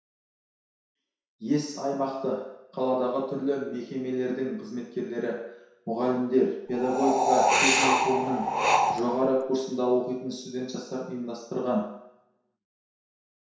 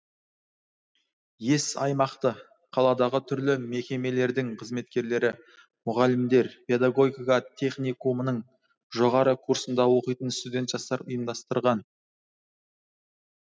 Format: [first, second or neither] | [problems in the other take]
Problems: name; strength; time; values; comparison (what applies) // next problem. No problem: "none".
second | background sound (Wind); 5 dB above the speech // room echo; dies away in 0.7 s